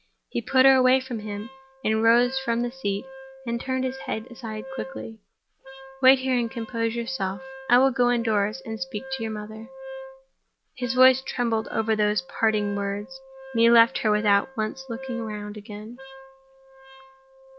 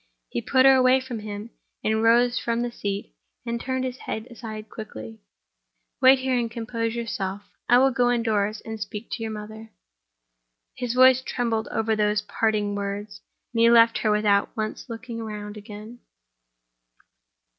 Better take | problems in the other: second | background sound (Wind instrument, woodwind instrument); 17 dB below the speech

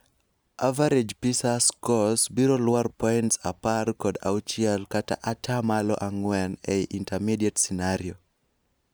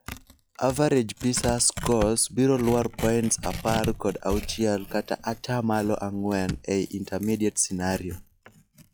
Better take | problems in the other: first | noise reduction (classical method log-MMSE)

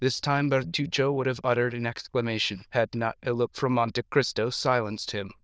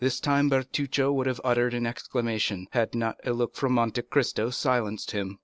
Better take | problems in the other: second | noise reduction (neural diffusion model UNIVERSE++)

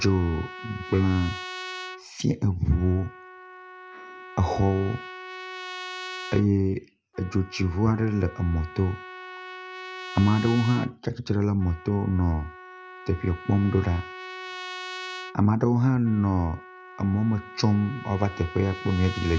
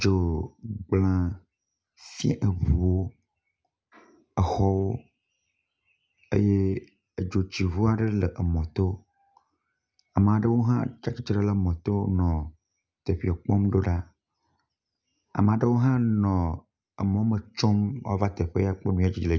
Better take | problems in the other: second | background sound (Trumpet); 14 dB below the speech

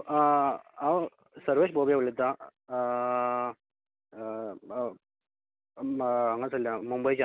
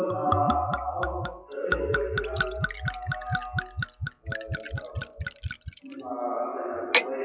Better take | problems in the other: first | noise reduction (classical method WPE with log-MMSE)

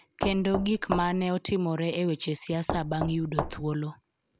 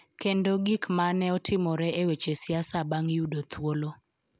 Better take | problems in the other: second | background sound (Knock); 5 dB below the speech

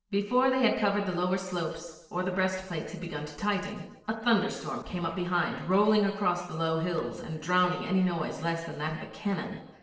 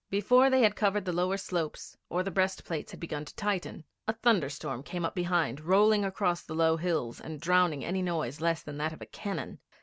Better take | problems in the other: second | noise reduction (neural separator model SepFormer DNS4)

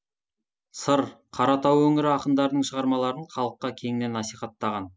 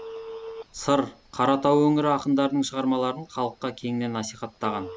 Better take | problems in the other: first | background sound (Telephone); 19 dB below the speech

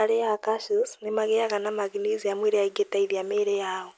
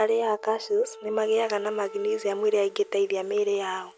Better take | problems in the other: first | background sound (Wind instrument, woodwind instrument); 19 dB below the speech

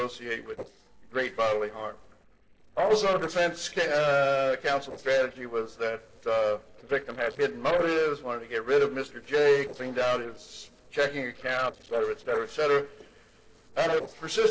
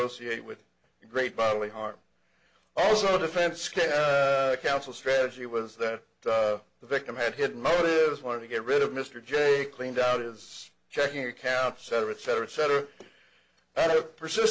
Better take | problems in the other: second | noise reduction (neural separator model SepFormer DNS4)

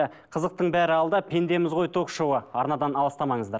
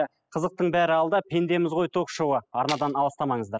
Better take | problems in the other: first | noise reduction (classical method spectral subtraction)

